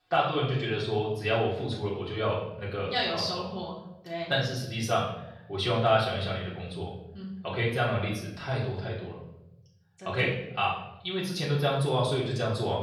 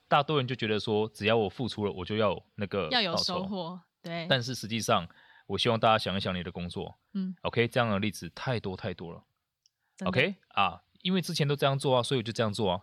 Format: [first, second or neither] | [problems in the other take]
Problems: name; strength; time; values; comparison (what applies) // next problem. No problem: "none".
second | off-mic speech; far // room echo; noticeable; dies away in 0.8 s